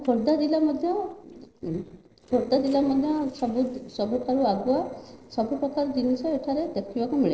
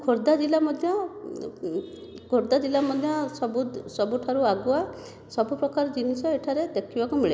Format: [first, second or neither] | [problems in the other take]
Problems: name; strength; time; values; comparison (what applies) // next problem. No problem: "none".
second | noise reduction (neural separator model SepFormer DNS4)